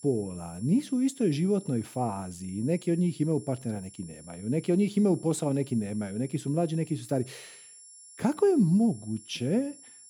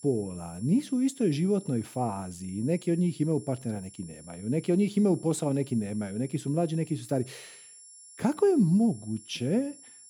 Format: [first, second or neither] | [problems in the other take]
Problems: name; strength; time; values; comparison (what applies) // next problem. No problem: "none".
neither | high-pitched whine; noticeable; throughout; 10.5 kHz, 20 dB below the speech; the same in both